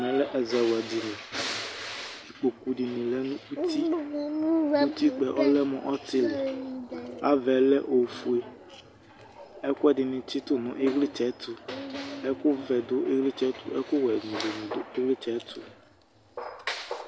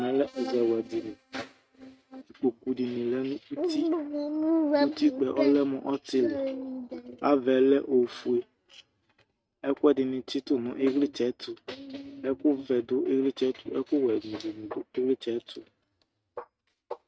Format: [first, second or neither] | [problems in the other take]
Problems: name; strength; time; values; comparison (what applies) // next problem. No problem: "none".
first | noise reduction (neural mask model RNNoise)